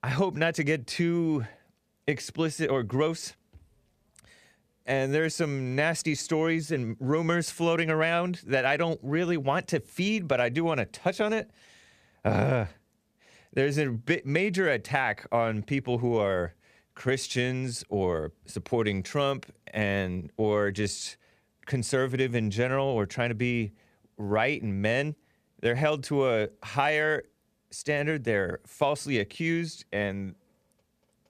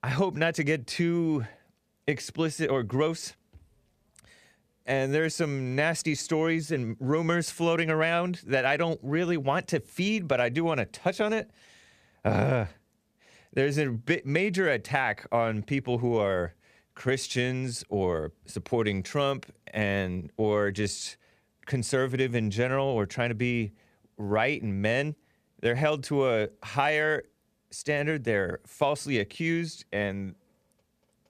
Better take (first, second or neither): neither